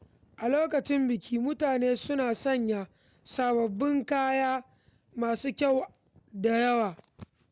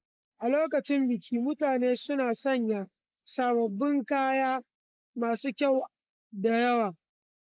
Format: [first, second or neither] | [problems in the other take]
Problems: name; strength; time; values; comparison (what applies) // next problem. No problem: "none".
first | noise reduction (neural mask model Resemble Enhance denoiser)